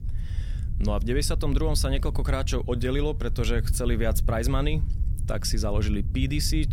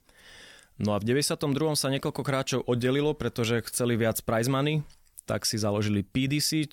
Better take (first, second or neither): second